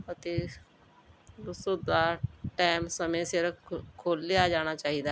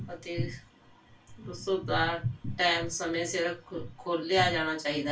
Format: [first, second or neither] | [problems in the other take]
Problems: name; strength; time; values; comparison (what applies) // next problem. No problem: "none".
first | room echo; dies away in 0.2 s